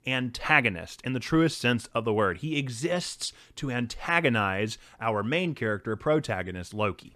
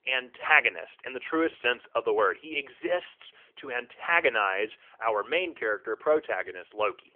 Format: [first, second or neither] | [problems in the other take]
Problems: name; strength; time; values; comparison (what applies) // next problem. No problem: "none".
first | phone-call audio; nothing above 3 kHz